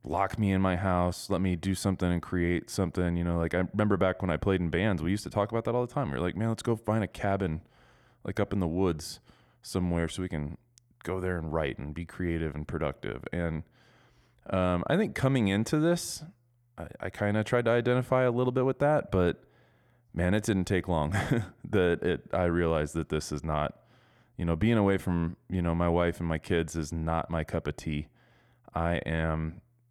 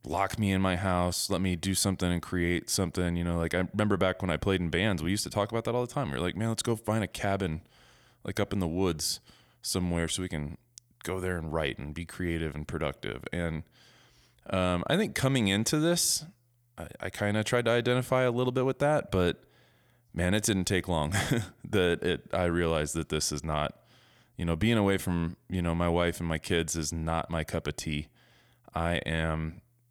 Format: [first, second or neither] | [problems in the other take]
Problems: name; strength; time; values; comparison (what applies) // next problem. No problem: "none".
second | muffled; slightly; fading above 2.5 kHz